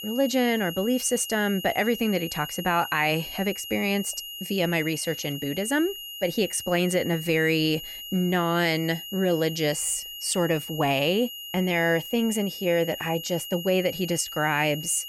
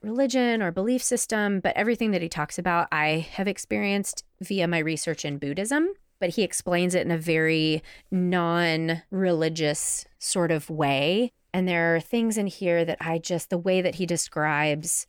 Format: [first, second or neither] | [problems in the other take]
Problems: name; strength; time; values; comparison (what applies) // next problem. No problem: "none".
second | high-pitched whine; loud; throughout; 3 kHz, 10 dB below the speech